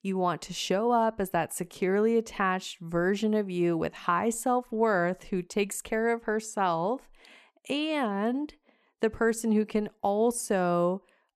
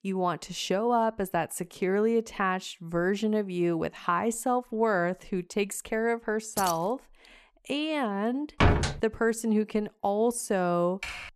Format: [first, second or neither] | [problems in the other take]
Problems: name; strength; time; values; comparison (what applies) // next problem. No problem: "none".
first | jangling keys; noticeable; at 6.5 s; peak 6 dB below the speech // door banging; loud; at 8.5 s; peak 4 dB above the speech // keyboard typing; noticeable; at 11 s; peak 9 dB below the speech